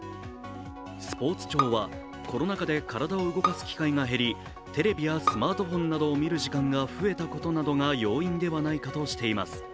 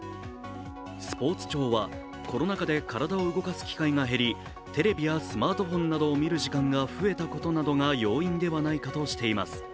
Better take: second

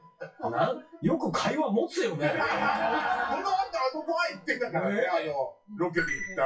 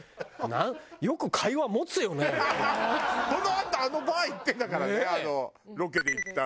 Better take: second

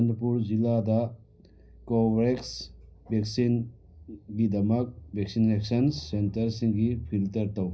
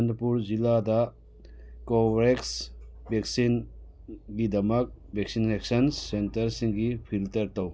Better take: second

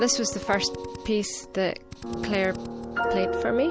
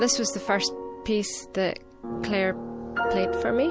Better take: second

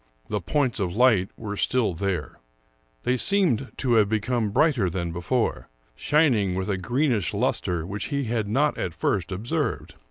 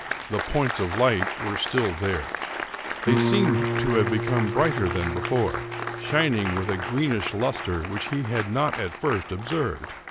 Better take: first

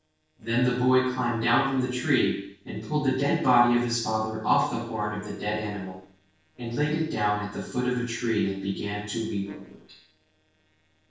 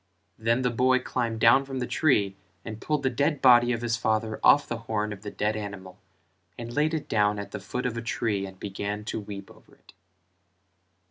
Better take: second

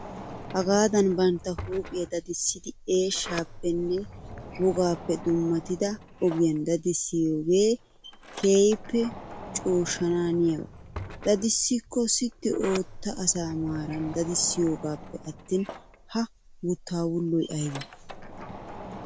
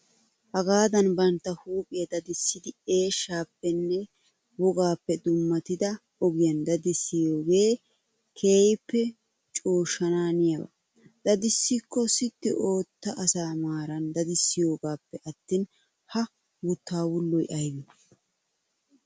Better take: second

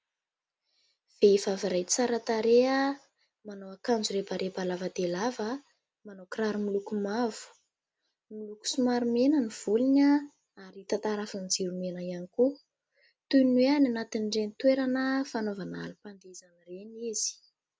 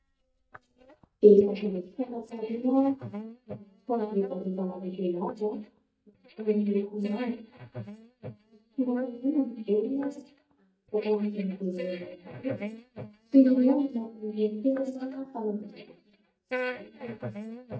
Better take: first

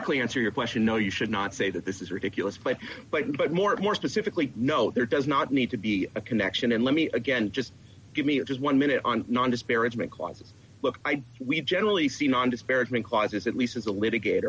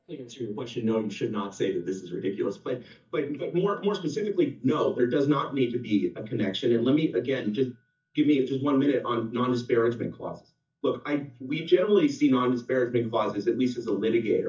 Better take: first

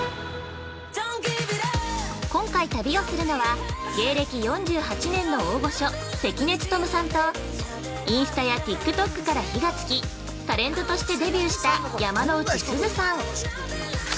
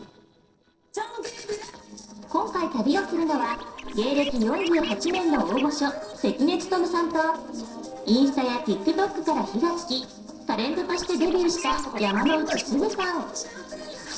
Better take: first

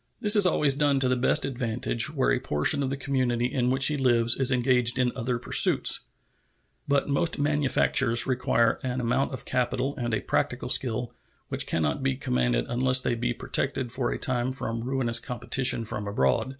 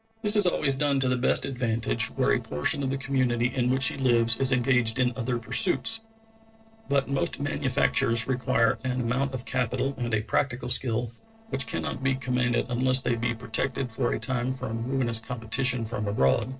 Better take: first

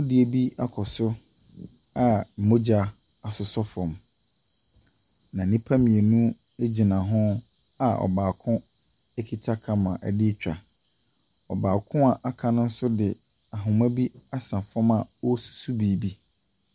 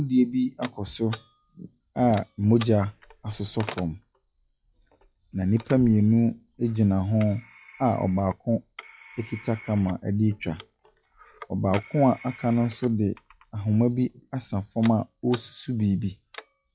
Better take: first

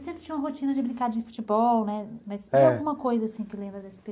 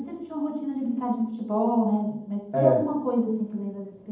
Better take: first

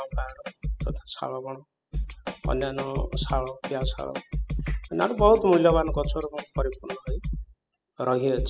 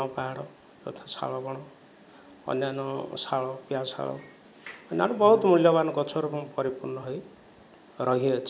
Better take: second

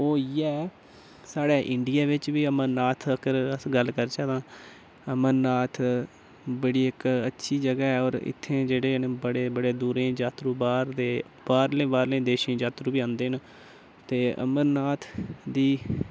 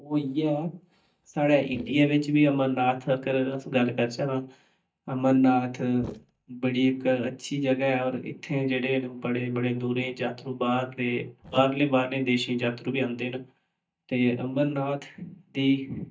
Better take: first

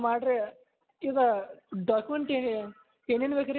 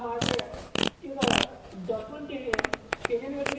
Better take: first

